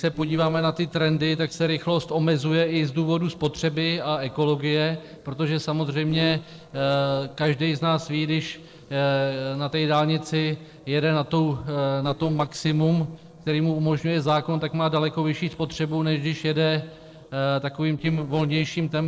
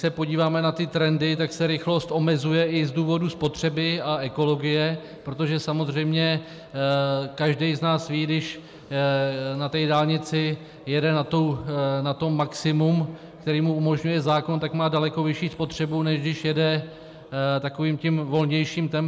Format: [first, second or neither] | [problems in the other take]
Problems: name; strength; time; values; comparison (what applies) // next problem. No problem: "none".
second | noise reduction (neural separator model SepFormer DNS4)